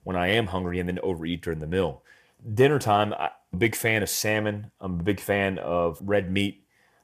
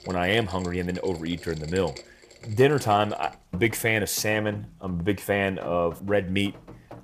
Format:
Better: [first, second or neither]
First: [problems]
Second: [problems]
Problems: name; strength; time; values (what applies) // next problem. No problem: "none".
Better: first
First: none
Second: rain or running water; noticeable; throughout; 20 dB below the speech